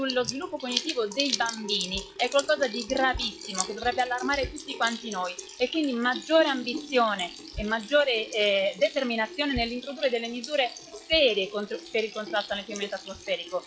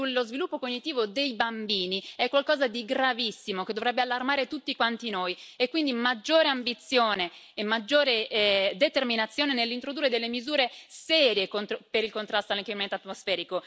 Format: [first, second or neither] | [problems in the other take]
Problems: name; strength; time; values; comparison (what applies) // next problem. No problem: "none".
second | noise reduction (classical method log-MMSE)